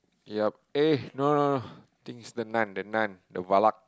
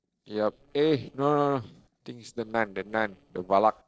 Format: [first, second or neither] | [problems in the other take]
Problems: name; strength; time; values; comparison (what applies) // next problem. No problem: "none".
first | noise reduction (neural separator model SepFormer DNS4)